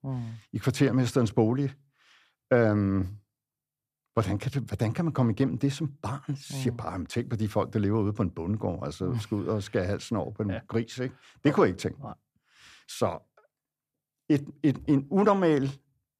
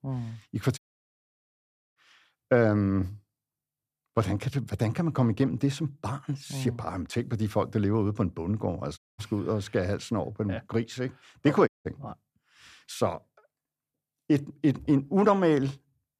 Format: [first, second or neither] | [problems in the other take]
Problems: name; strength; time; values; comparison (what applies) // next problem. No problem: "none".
first | audio cutting out; at 1 s for 1 s, at 9 s and at 12 s